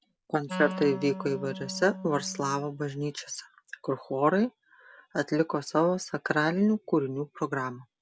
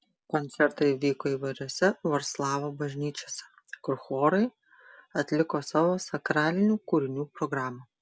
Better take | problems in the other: second | background sound (Wind instrument, woodwind instrument); 10 dB below the speech

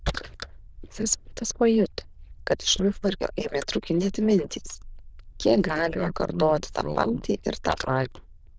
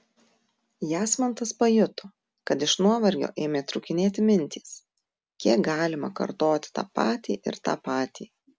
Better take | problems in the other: second | noise reduction (neural diffusion model UNIVERSE++)

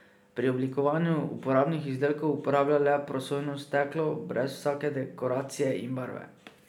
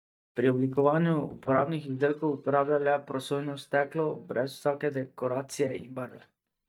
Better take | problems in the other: first | noise reduction (neural mask model DeepFilterNet 3)

